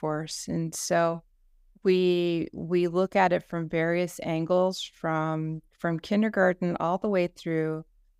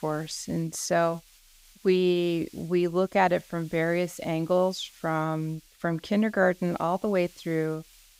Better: first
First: none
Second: hiss; faint; throughout; 25 dB below the speech

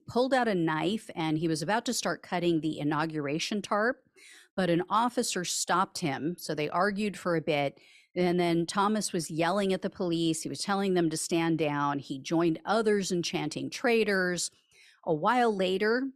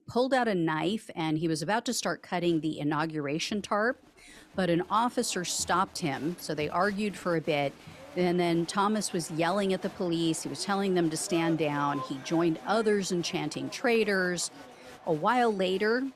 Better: first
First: none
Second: crowd noise; noticeable; throughout; 20 dB below the speech

